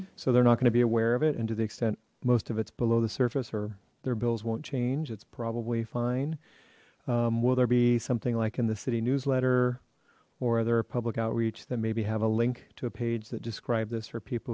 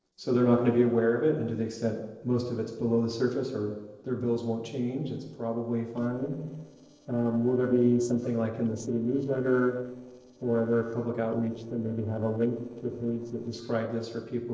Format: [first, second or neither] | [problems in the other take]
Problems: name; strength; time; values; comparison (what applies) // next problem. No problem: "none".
first | noise reduction (neural separator model SepFormer DNS4)